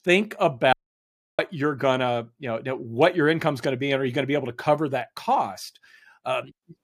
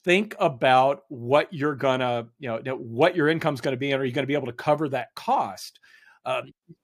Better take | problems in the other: second | audio cutting out; at 0.5 s for 0.5 s

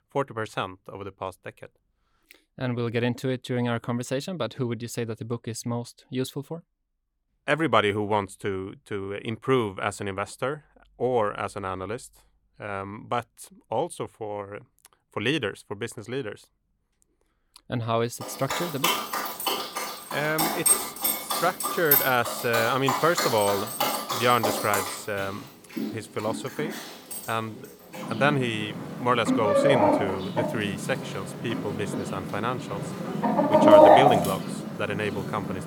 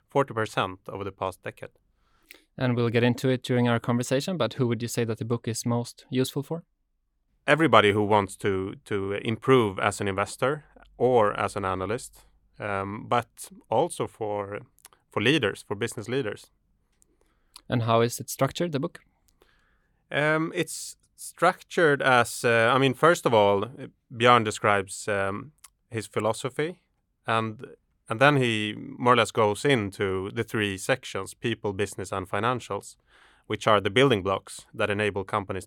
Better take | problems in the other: second | animal sounds; very loud; from 18 s on; 4 dB above the speech

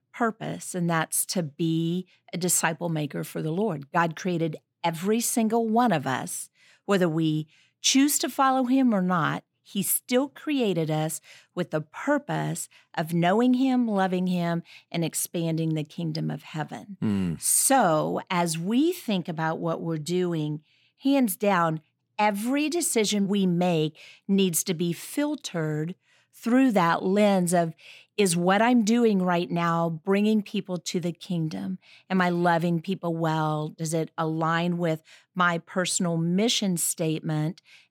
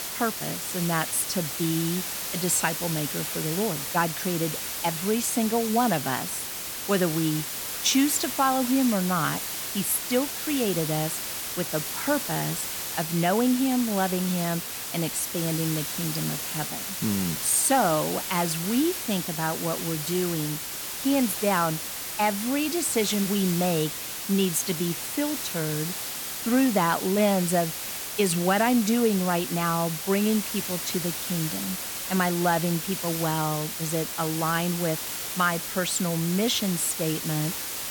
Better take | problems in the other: first | hiss; loud; throughout; 4 dB below the speech

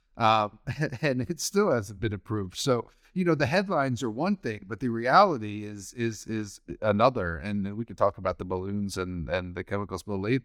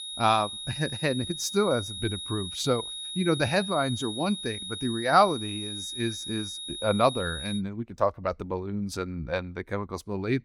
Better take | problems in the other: first | high-pitched whine; loud; until 7.5 s; 4 kHz, 6 dB below the speech

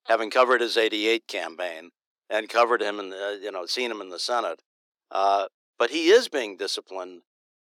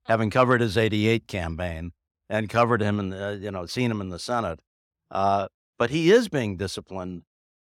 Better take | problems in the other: second | thin; very; fading below 300 Hz

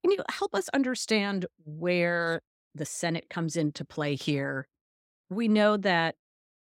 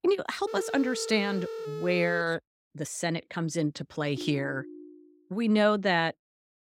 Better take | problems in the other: first | phone ringing; noticeable; until 2 s; peak 8 dB below the speech // phone ringing; faint; at 4 s; peak 10 dB below the speech

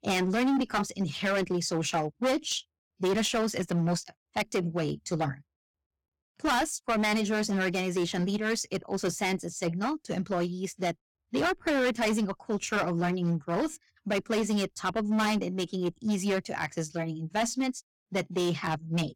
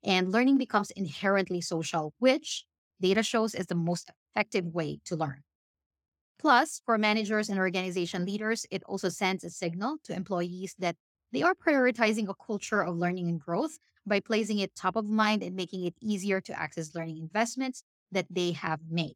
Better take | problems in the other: second | distortion; heavy; 12% of the sound clipped

